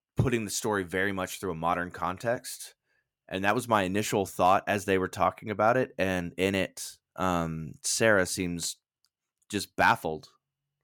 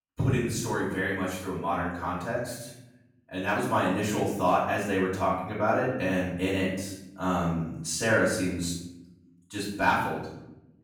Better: first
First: none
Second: off-mic speech; far // room echo; noticeable; dies away in 0.9 s

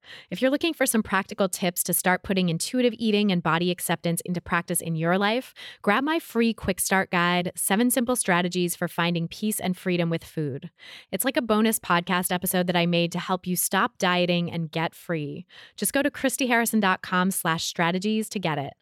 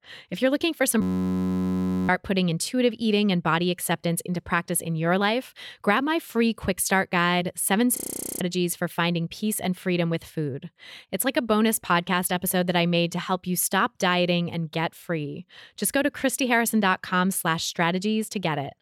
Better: first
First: none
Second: audio freezing; at 1 s for 1 s and at 8 s

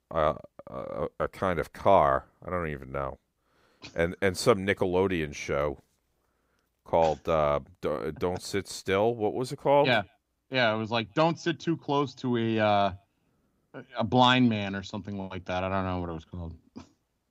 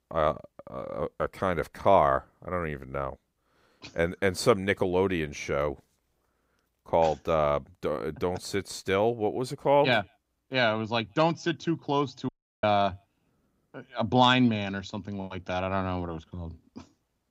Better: first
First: none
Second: audio cutting out; at 12 s

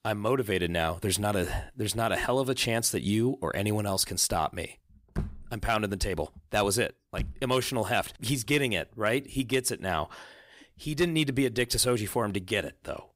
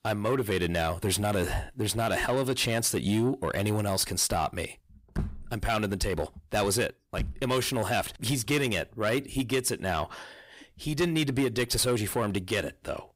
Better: first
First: none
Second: distortion; slight; 10 dB below the speech

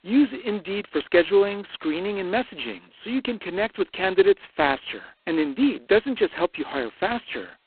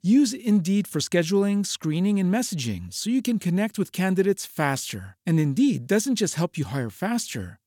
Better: second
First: phone-call audio; poor line; nothing above 4 kHz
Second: none

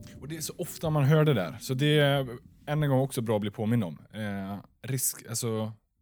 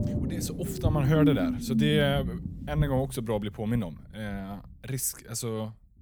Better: first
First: low rumble; faint; throughout; 25 dB below the speech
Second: low rumble; loud; throughout; 4 dB below the speech

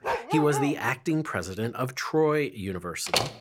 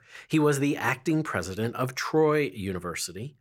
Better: second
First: dog barking; noticeable; at the start; peak 2 dB below the speech // door banging; very faint; at 3 s; peak 1 dB above the speech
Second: none

